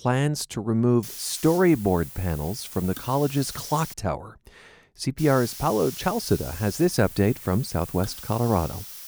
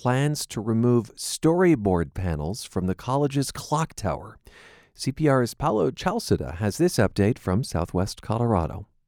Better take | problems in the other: second | hiss; noticeable; from 1 to 4 s and from 5 s on; 10 dB below the speech

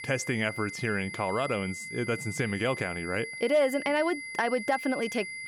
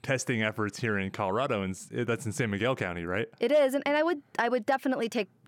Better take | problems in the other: second | high-pitched whine; loud; throughout; 2 kHz, 8 dB below the speech

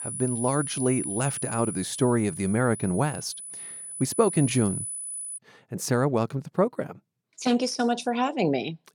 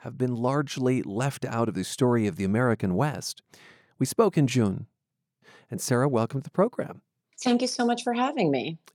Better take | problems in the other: second | high-pitched whine; loud; until 5.5 s; 10 kHz, 7 dB below the speech

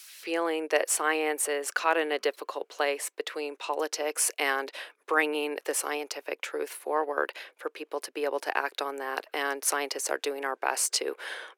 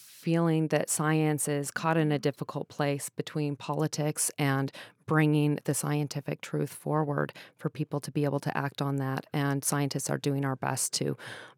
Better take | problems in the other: second | thin; very; fading below 350 Hz

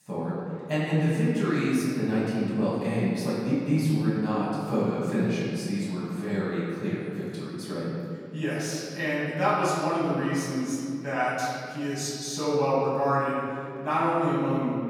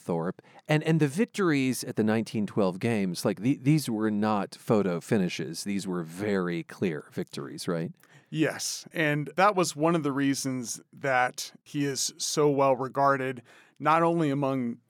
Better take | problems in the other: second | off-mic speech; far // room echo; strong; dies away in 2.3 s

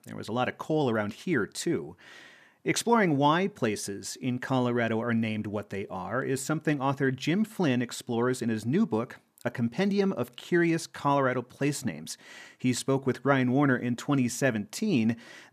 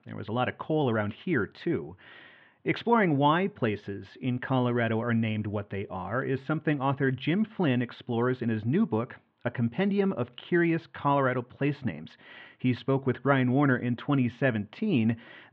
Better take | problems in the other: first | muffled; very; fading above 3.5 kHz

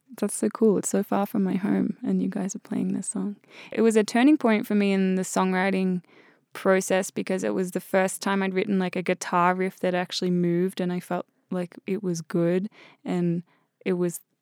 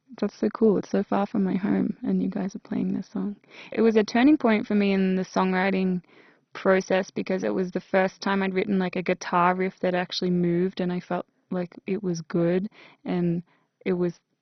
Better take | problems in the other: first | garbled, watery; badly; nothing above 6 kHz

